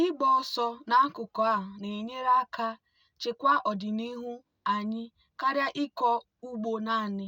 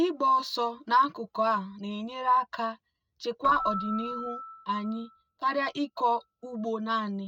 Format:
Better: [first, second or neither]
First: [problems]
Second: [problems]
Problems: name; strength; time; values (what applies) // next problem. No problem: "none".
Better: first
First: none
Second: noise reduction (neural mask model RNNoise)